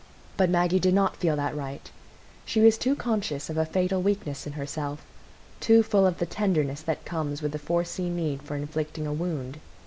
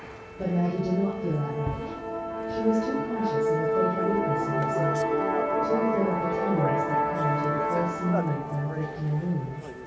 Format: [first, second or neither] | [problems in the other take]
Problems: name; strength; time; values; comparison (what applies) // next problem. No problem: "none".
first | background sound (Musical instrument); 1 dB above the speech // room echo; dies away in 0.6 s